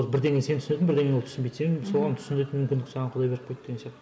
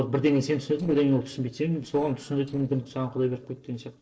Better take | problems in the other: first | noise reduction (neural separator model SepFormer DNS4)

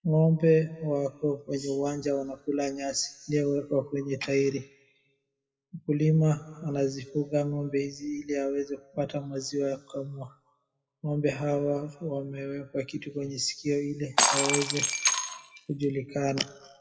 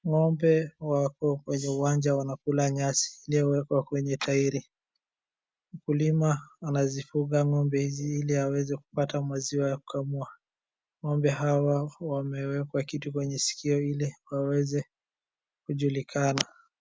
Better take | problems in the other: second | noise reduction (classical method WPE with log-MMSE)

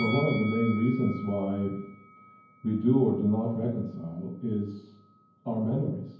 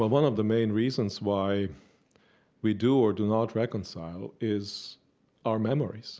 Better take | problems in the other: second | background sound (Bell); 15 dB below the speech // room echo; dies away in 0.9 s

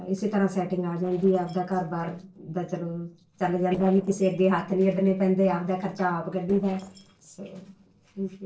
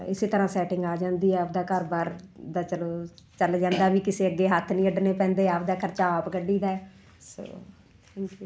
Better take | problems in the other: second | noise reduction (neural separator model SepFormer DNS4)

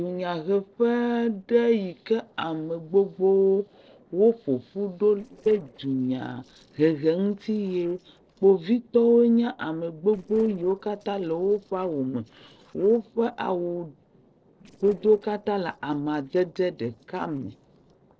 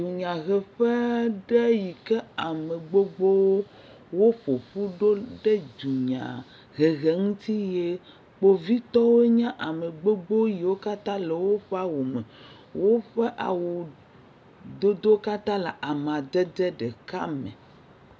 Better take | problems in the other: second | noise reduction (neural separator model SepFormer DNS4)

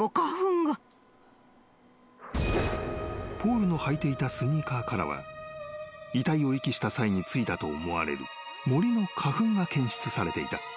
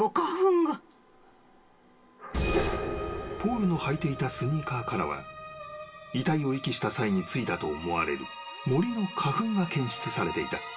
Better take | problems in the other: first | room echo; dies away in 0.2 s

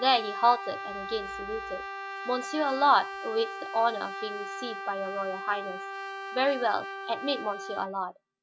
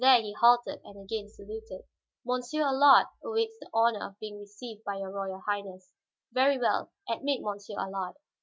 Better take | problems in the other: second | background sound (Brass instrument); 8 dB below the speech

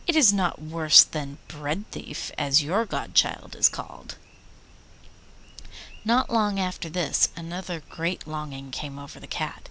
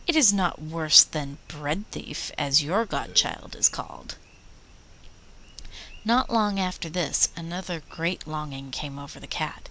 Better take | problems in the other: first | background sound (Burping, eructation); 18 dB below the speech

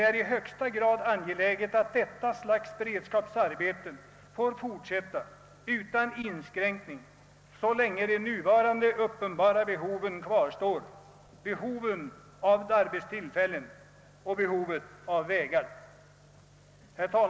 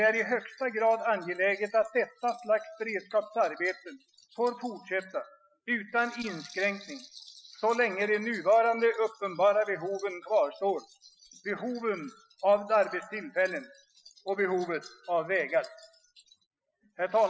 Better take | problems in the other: first | noise reduction (classical method Wiener filter)

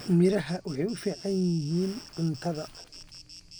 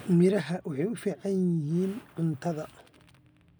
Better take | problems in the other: second | background sound (Insect); 18 dB below the speech

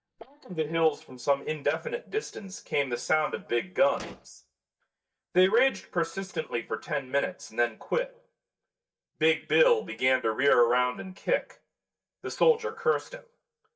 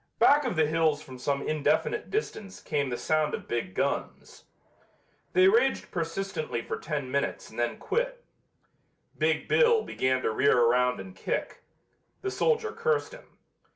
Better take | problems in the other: second | noise reduction (neural mask model DeepFilterNet 3)

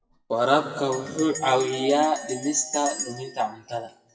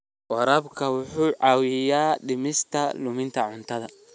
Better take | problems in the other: second | noise reduction (classical method WPE with log-MMSE)

